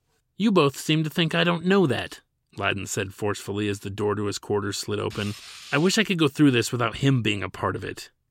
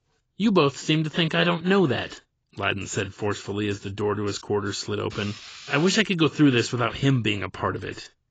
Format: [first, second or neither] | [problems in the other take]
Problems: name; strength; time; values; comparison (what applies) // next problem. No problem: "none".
first | garbled, watery; badly; nothing above 7.5 kHz